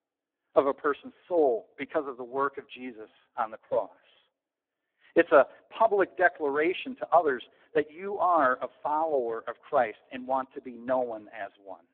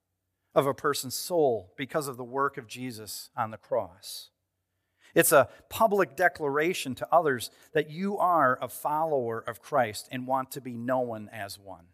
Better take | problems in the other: second | phone-call audio; poor line

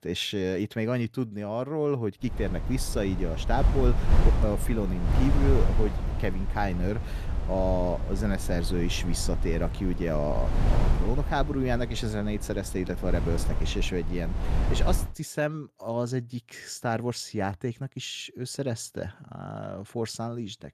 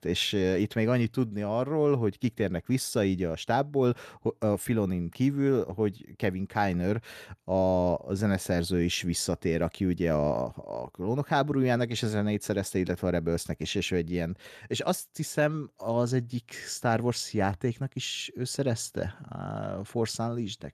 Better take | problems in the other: second | wind noise on the microphone; heavy; from 2.5 to 15 s; 8 dB below the speech

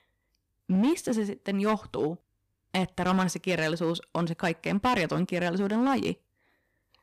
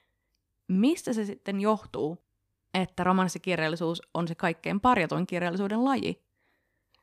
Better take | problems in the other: second | distortion; slight; 6% of the sound clipped

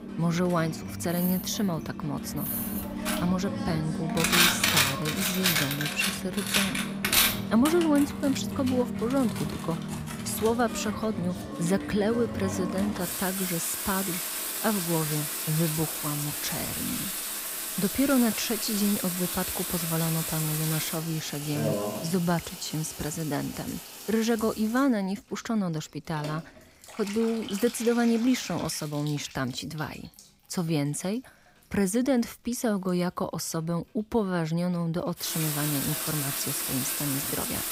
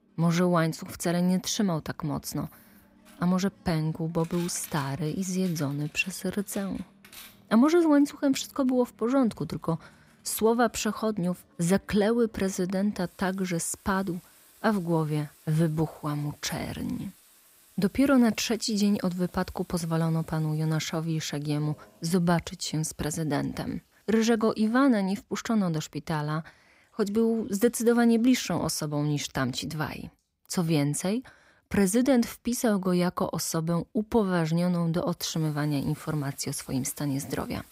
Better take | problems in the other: second | household noises; loud; throughout; as loud as the speech; faint in the second

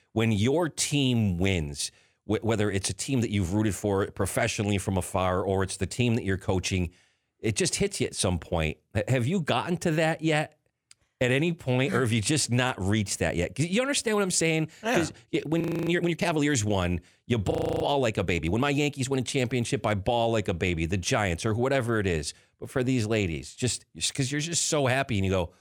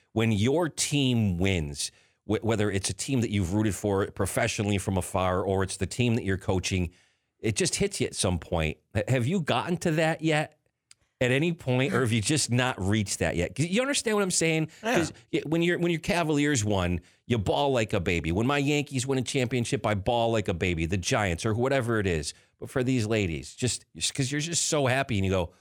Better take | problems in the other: second | audio freezing; at 16 s and at 18 s

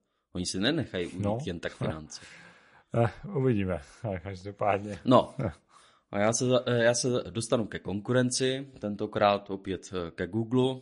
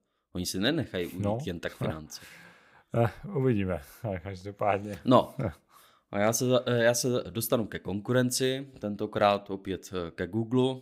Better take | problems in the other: second | garbled, watery; slightly; nothing above 10.5 kHz

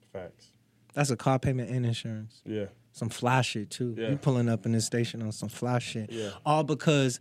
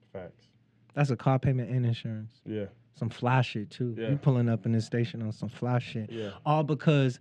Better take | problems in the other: first | muffled; slightly; fading above 3.5 kHz

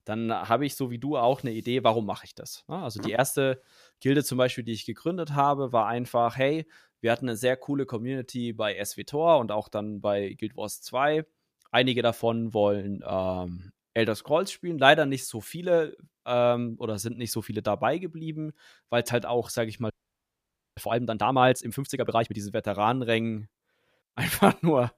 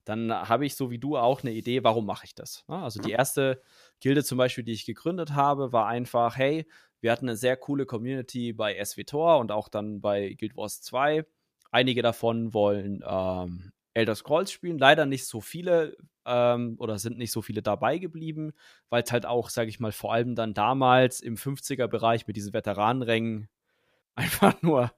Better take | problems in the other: second | audio freezing; at 20 s for 1 s

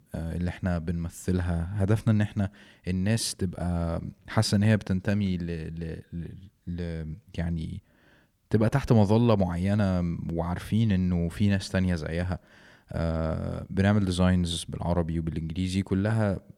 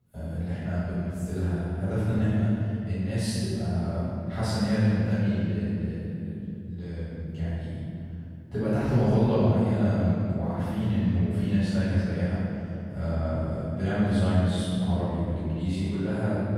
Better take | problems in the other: first | room echo; strong; dies away in 2.9 s // off-mic speech; far

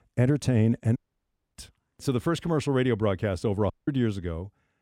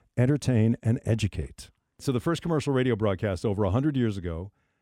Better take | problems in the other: second | audio cutting out; at 1 s for 0.5 s and at 3.5 s

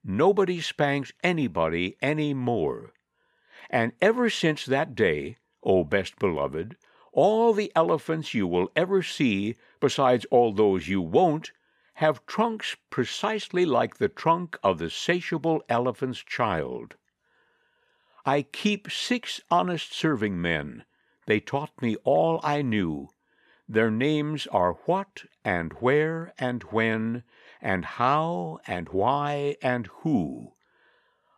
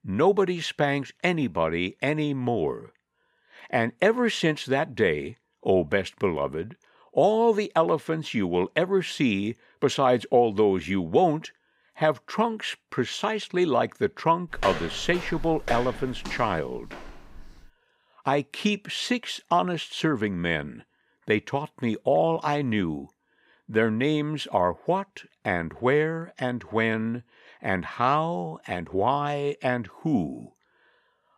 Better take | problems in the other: first | footsteps; noticeable; from 15 to 18 s; peak 6 dB below the speech

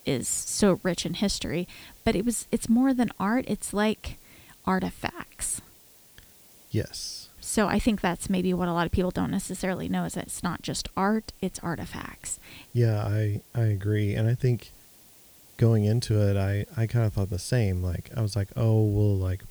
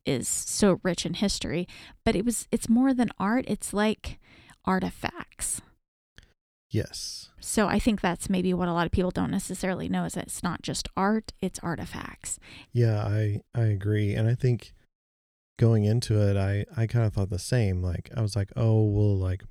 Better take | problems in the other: second | hiss; faint; throughout; 25 dB below the speech

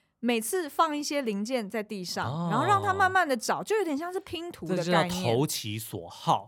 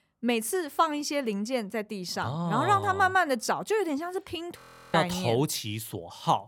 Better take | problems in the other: first | audio freezing; at 4.5 s

